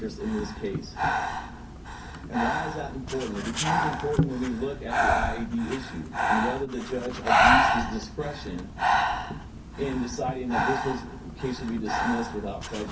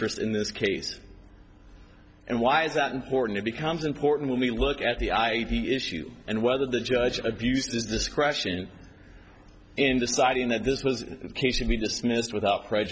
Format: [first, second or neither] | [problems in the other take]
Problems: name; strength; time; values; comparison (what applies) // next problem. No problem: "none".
second | background sound (Breathing); 4 dB above the speech // room echo; dies away in 0.3 s